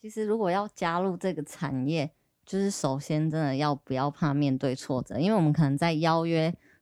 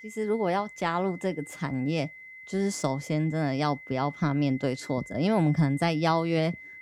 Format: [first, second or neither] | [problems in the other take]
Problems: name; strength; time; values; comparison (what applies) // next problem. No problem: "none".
first | high-pitched whine; noticeable; throughout; 2 kHz, 15 dB below the speech